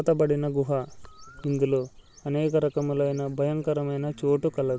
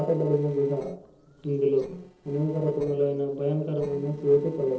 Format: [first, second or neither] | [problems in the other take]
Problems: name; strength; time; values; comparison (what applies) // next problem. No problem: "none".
first | noise reduction (neural separator model SepFormer DNS4)